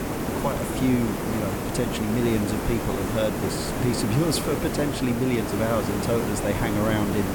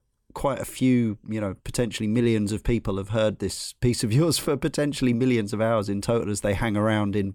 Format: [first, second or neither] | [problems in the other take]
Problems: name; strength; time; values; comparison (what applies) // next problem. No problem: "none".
second | hiss; loud; throughout; 2 dB below the speech